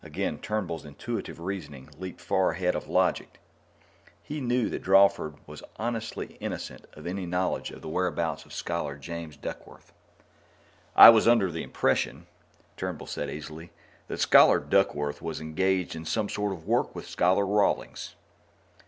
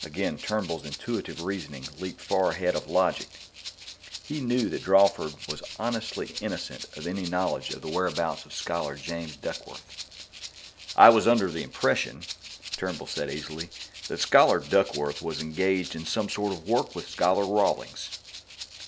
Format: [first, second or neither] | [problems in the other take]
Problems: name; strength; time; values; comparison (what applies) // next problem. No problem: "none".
first | background sound (Rattle (instrument)); 14 dB below the speech